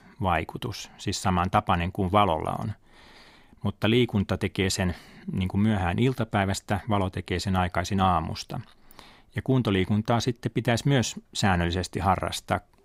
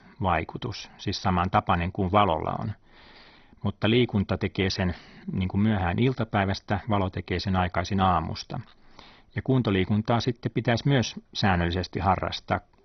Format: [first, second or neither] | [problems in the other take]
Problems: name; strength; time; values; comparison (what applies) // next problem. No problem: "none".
first | garbled, watery; badly; nothing above 6 kHz